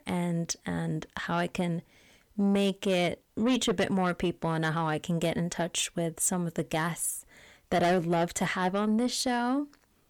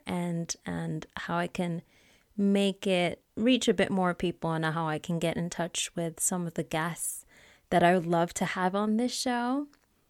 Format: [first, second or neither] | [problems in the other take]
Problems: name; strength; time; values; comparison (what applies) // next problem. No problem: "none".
second | distortion; slight; 10 dB below the speech